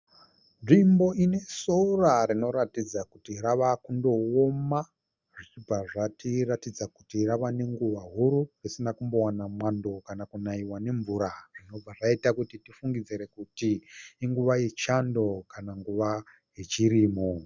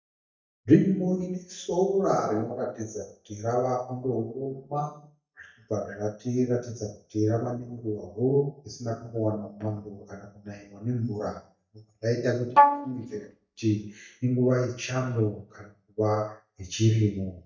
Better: first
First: none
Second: noise reduction (neural mask model DeepFilterNet 3)

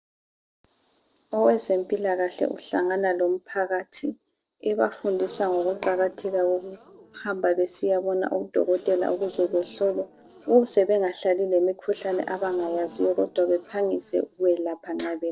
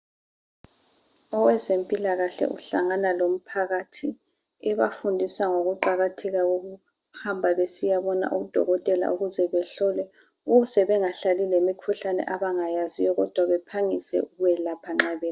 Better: second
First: noise reduction (neural separator model SepFormer DNS4)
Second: none

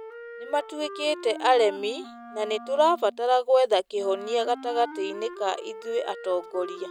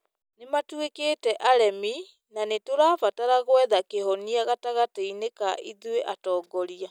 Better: second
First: background sound (Wind instrument, woodwind instrument); 15 dB below the speech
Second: none

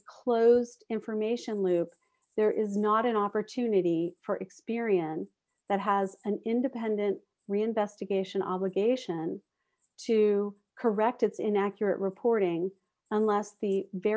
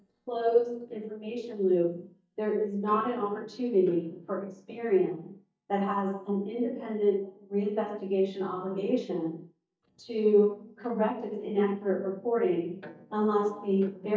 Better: first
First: none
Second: noise reduction (neural mask model DeepFilterNet 3)

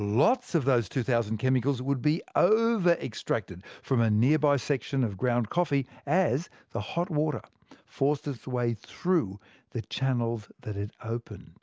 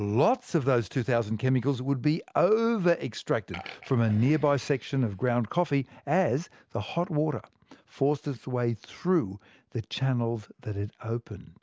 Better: first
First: none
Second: background sound (Burping, eructation); 20 dB below the speech

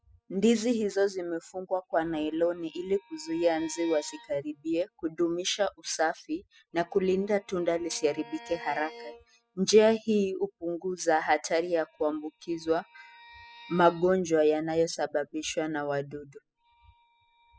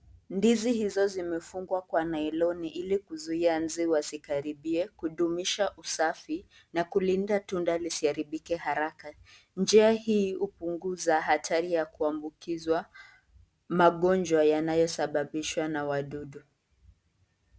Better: second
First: noise reduction (classical method spectral subtraction)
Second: none

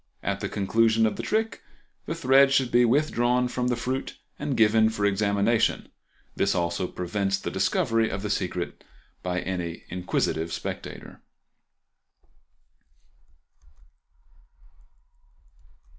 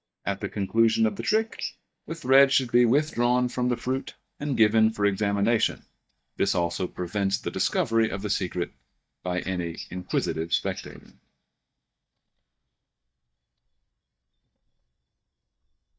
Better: first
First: none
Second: noise reduction (neural mask model DeepFilterNet 3)

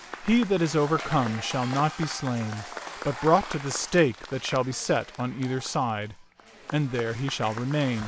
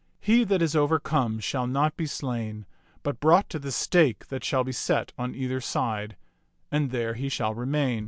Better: second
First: background sound (Applause / Crowd / Cheering); 13 dB below the speech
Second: none

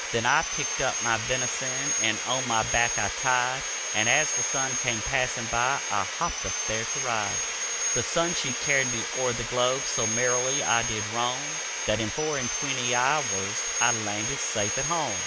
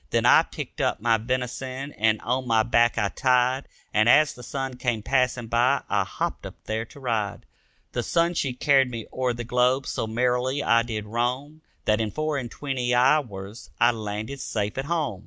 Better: second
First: background sound (Sawing); as loud as the speech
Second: none

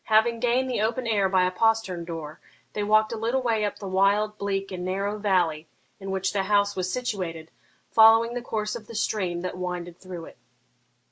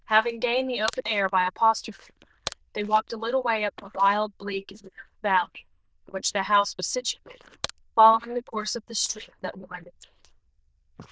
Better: first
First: none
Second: noise reduction (neural diffusion model UNIVERSE++)

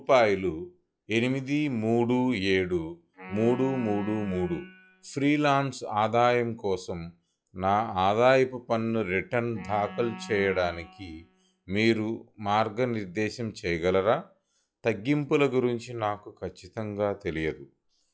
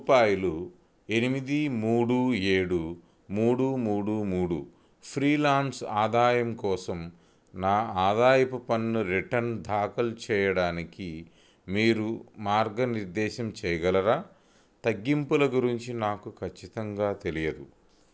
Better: second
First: noise reduction (classical method log-MMSE)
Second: none

